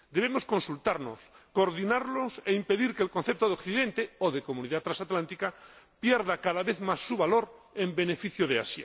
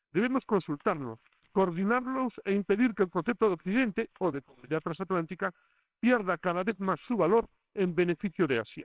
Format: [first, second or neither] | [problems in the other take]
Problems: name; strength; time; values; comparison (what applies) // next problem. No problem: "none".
first | noise reduction (neural separator model SepFormer WHAMR!)